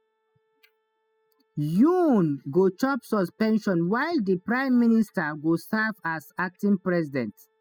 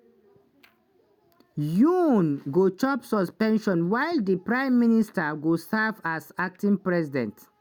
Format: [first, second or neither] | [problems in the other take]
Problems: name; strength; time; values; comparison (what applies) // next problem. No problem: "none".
second | noise reduction (classical method spectral subtraction)